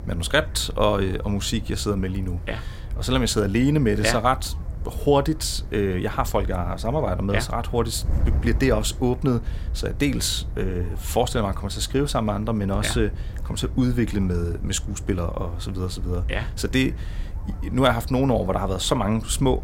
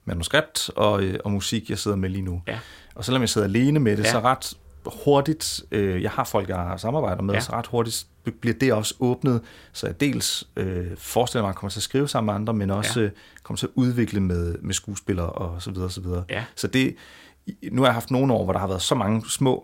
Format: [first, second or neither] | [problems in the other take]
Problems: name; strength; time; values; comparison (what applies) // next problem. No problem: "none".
second | wind noise on the microphone; occasional gusts; 20 dB below the speech